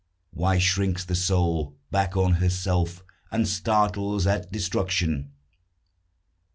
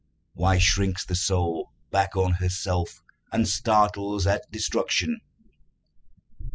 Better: first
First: none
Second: noise reduction (classical method spectral subtraction)

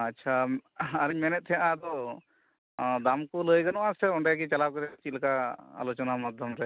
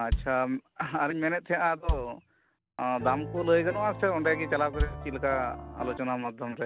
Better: first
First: none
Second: background sound (Piano + Bass drum); 6 dB below the speech

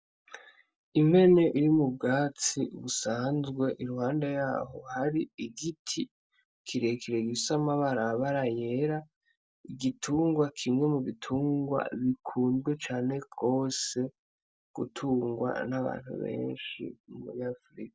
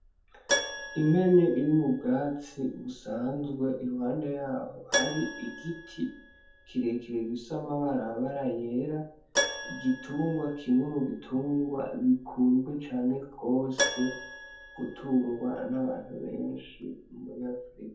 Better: first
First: none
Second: background sound (Keyboard (musical)); 9 dB below the speech // room echo; dies away in 0.5 s

